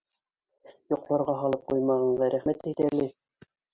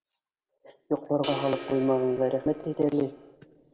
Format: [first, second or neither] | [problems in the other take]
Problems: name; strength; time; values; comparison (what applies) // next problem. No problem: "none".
first | background sound (Crash cymbal); 12 dB below the speech // room echo; dies away in 1.2 s